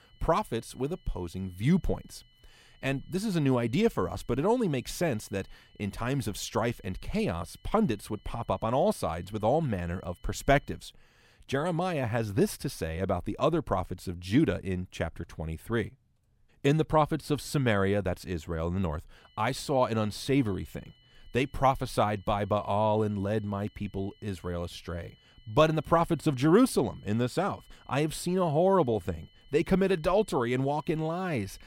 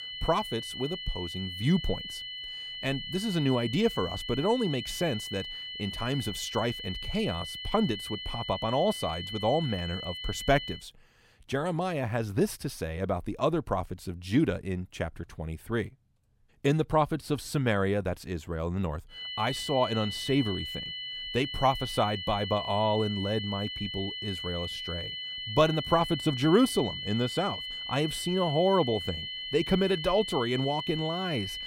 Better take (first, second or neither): first